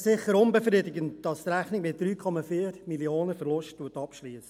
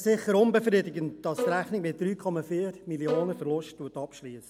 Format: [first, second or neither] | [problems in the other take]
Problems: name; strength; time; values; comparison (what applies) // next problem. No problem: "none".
first | background sound (Bowed string instrument); 7 dB below the speech